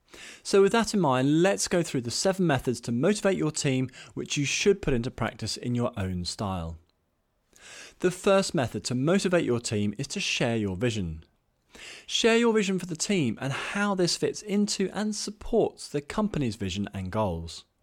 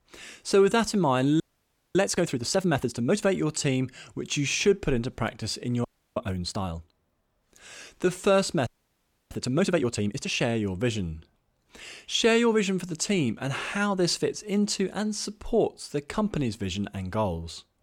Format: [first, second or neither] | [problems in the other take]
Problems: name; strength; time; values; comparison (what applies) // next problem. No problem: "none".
first | audio freezing; at 1.5 s for 0.5 s, at 6 s and at 8.5 s for 0.5 s